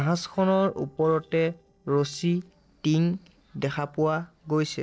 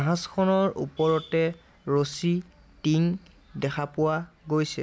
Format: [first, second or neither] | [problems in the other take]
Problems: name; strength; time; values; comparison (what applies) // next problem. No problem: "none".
second | noise reduction (neural separator model SepFormer DNS4)